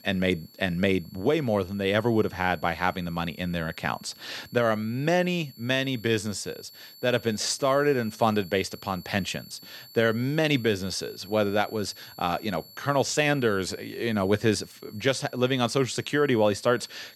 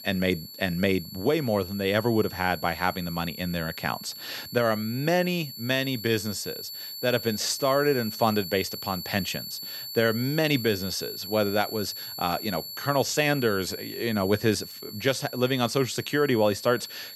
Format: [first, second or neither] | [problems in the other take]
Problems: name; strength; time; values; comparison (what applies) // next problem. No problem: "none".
first | high-pitched whine; loud; throughout; 4.5 kHz, 10 dB below the speech; faint in the first